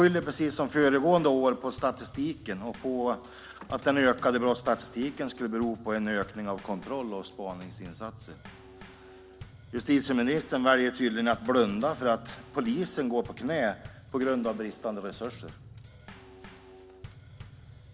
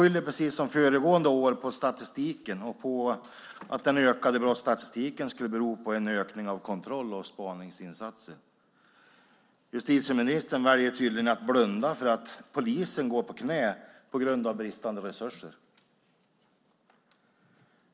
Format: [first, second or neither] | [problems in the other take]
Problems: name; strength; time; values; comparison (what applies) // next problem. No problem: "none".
second | background sound (Bass drum / Snare drum / Drum kit); 19 dB below the speech